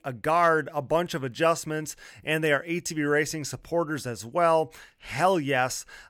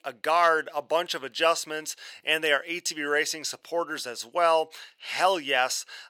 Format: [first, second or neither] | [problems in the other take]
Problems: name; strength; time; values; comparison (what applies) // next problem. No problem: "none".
first | thin; somewhat; fading below 500 Hz